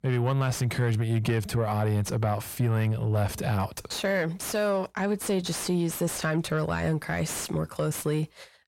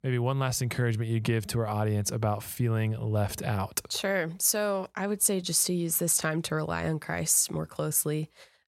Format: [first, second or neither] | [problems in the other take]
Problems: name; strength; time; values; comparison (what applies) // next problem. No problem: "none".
second | distortion; heavy; 6 dB below the speech